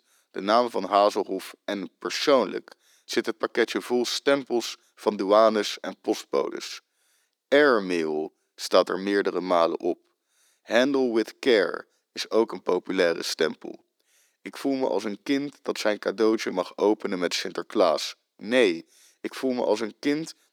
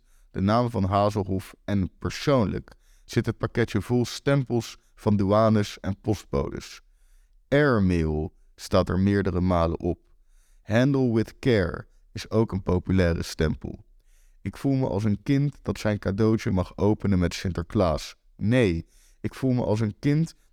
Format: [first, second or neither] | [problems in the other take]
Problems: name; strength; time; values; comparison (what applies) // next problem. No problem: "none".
second | thin; somewhat; fading below 300 Hz